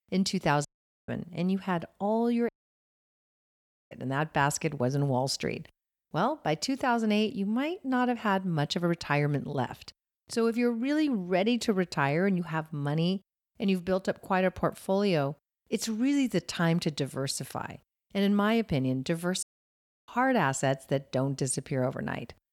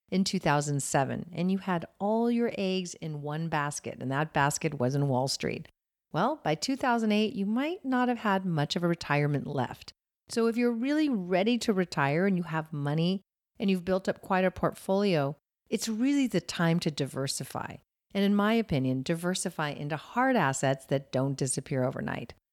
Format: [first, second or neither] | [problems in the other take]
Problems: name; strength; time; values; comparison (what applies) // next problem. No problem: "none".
second | audio cutting out; at 0.5 s, at 2.5 s for 1.5 s and at 19 s for 0.5 s